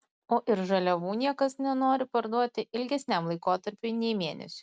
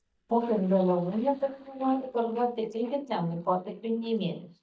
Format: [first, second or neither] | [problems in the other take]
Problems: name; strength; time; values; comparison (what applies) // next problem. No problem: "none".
first | noise reduction (neural mask model DeepFilterNet 3)